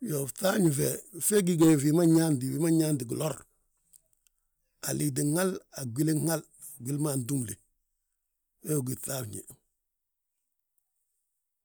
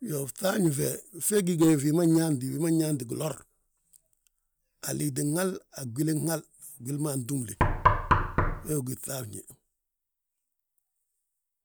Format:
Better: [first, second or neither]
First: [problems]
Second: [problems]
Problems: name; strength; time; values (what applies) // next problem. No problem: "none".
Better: first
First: none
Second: background sound (Knock); 5 dB above the speech